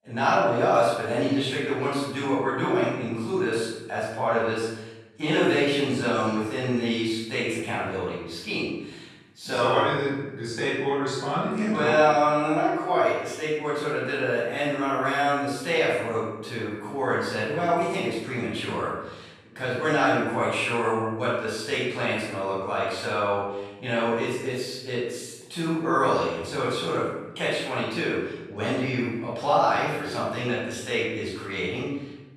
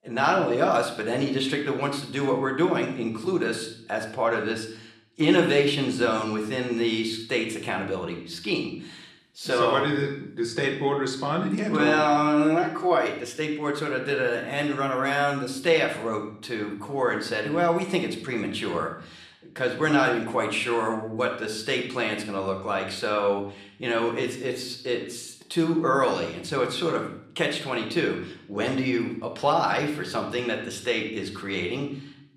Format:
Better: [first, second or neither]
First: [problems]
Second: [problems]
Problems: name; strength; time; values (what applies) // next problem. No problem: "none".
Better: second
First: room echo; strong; dies away in 0.9 s // off-mic speech; far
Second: room echo; slight; dies away in 0.6 s // off-mic speech; somewhat distant